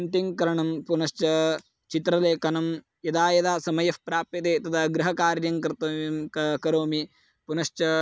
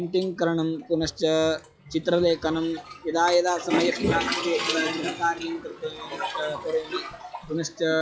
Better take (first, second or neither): first